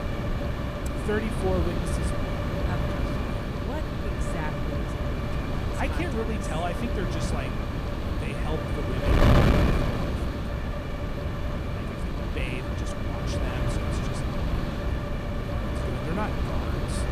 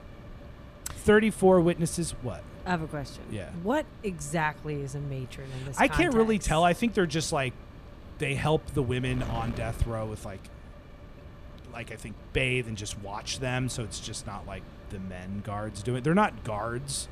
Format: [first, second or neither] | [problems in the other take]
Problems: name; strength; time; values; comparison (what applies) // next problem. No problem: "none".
second | wind noise on the microphone; heavy; 4 dB above the speech; occasional gusts in the second